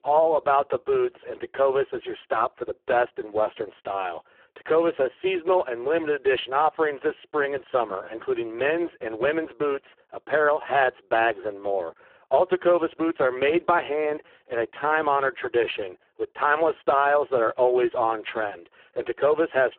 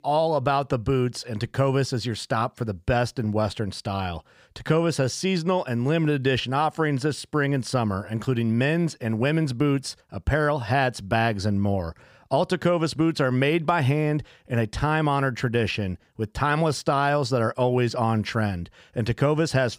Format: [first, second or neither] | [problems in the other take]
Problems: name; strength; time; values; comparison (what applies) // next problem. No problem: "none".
second | phone-call audio; poor line